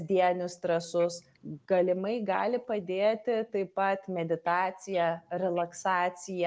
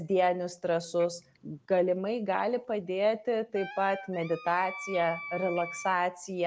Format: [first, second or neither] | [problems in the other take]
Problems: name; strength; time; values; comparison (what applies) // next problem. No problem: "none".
first | background sound (Wind instrument, woodwind instrument); 12 dB below the speech